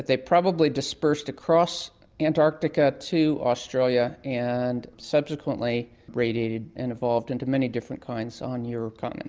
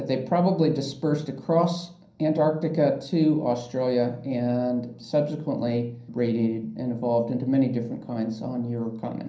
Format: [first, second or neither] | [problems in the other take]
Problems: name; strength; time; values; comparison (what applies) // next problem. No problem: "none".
first | room echo; dies away in 0.6 s